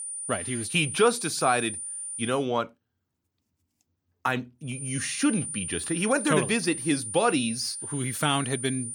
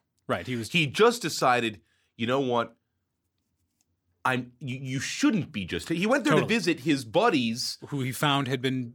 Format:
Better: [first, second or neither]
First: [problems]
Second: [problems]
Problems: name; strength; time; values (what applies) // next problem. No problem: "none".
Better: second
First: high-pitched whine; loud; until 2.5 s and from 5 s on; 9 kHz, 6 dB below the speech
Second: none